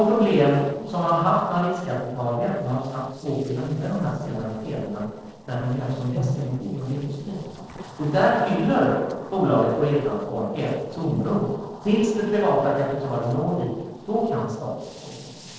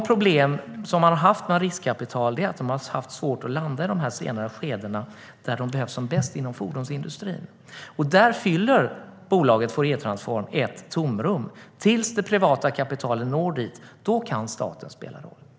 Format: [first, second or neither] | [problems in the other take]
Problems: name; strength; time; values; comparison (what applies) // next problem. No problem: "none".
second | noise reduction (neural separator model SepFormer DNS4)